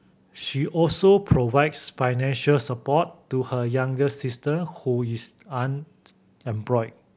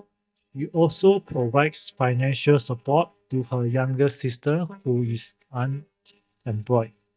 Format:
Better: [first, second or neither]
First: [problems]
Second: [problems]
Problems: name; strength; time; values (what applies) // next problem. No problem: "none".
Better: first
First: none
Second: noise reduction (neural mask model DeepFilterNet 3)